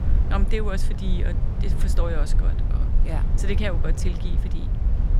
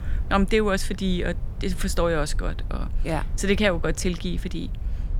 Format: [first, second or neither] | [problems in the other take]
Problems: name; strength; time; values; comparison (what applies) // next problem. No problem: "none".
second | low rumble; loud; throughout; 7 dB below the speech; faint in the second